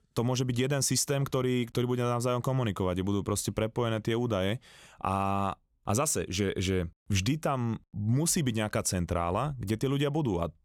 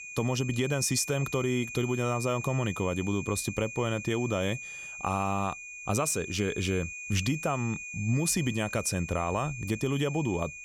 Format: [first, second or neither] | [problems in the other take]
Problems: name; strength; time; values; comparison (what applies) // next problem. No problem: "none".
first | high-pitched whine; loud; throughout; 2.5 kHz, 9 dB below the speech